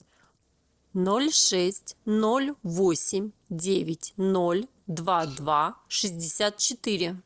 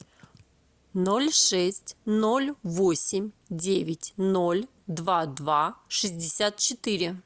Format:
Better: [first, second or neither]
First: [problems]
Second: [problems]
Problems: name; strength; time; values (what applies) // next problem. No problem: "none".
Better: second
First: noise reduction (neural separator model SepFormer DNS4)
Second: none